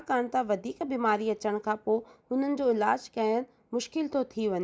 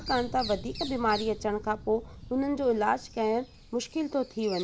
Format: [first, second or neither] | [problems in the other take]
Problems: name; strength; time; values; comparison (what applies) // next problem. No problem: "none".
first | background sound (Bird vocalization, bird call, bird song + Fire); 13 dB below the speech